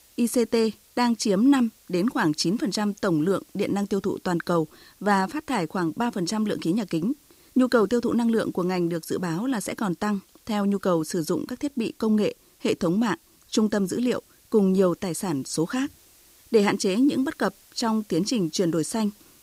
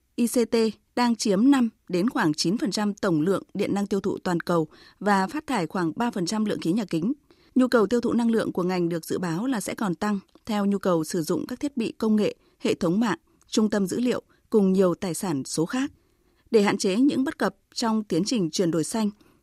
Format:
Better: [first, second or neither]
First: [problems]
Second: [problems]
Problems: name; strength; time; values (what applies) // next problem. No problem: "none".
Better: second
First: hiss; faint; throughout; 30 dB below the speech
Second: none